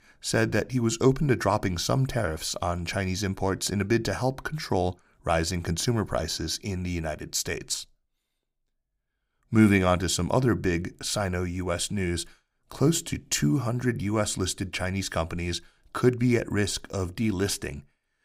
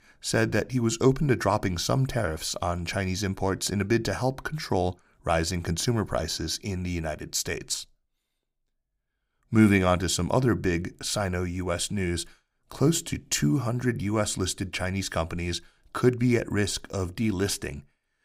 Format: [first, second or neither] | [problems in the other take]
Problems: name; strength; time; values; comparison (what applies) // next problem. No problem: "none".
neither | none